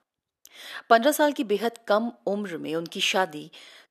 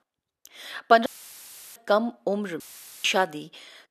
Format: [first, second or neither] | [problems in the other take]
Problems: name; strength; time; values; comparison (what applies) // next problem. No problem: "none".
first | audio cutting out; filled with static; at 1 s for 0.5 s and at 2.5 s